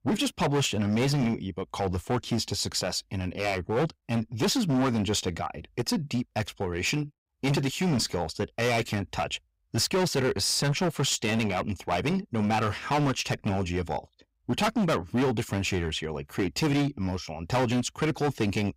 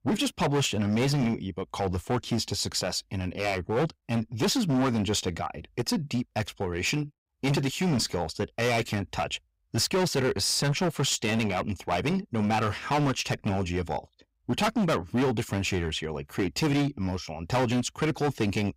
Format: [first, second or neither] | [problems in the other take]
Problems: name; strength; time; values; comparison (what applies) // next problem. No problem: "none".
neither | distortion; heavy; 14% of the sound clipped; the same in both